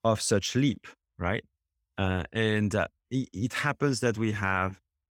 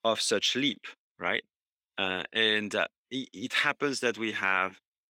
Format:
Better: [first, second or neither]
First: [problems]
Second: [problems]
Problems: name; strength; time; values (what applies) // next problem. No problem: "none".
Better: first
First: none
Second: thin; somewhat; fading below 300 Hz